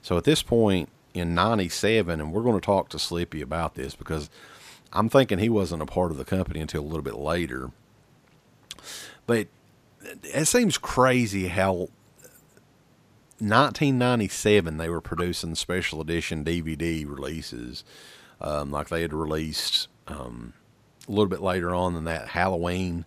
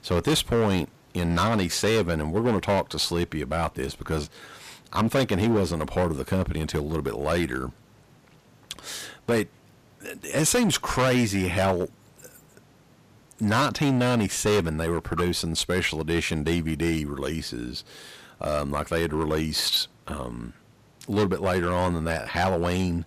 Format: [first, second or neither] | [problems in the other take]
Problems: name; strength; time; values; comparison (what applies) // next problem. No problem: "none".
first | distortion; heavy; 8% of the sound clipped